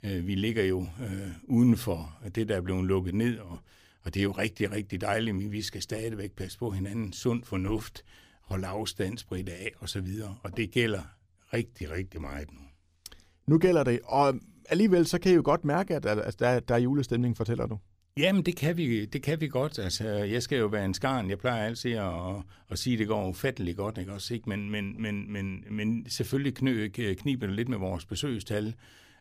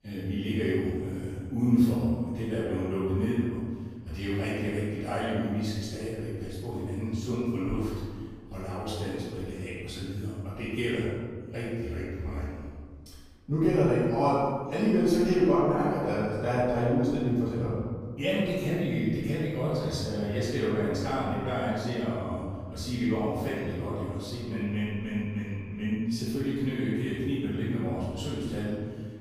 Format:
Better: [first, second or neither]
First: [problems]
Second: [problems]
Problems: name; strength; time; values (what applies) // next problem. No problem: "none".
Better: first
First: none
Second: off-mic speech; far // room echo; strong; dies away in 1.7 s